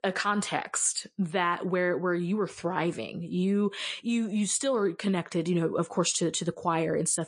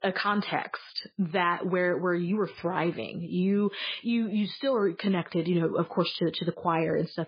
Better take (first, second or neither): first